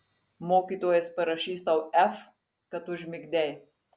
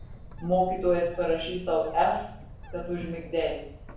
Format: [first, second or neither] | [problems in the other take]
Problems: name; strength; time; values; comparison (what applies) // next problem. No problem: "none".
first | background sound (Bird); 13 dB below the speech // room echo; dies away in 0.7 s